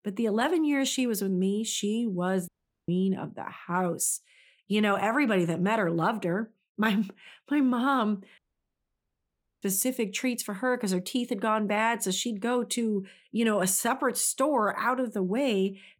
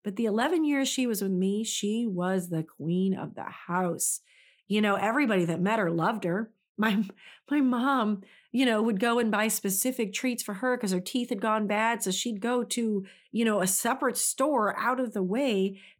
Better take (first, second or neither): second